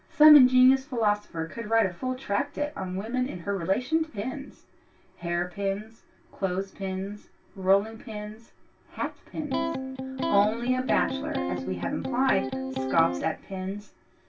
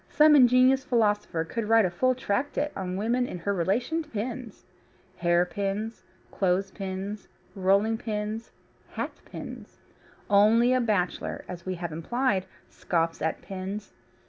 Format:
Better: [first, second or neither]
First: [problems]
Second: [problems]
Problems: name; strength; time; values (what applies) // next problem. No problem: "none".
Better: second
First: background sound (Electric guitar); 3 dB below the speech // room echo; dies away in 0.2 s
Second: none